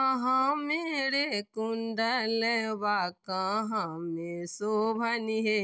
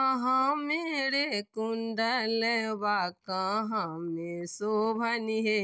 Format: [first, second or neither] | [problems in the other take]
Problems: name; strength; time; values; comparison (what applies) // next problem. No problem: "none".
first | noise reduction (neural mask model Resemble Enhance denoiser)